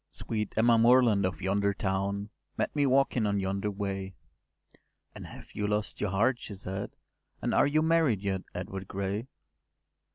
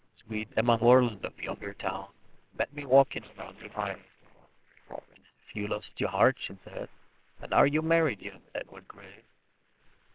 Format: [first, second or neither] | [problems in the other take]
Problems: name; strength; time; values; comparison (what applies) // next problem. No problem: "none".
first | noise reduction (neural separator model SepFormer WHAMR!)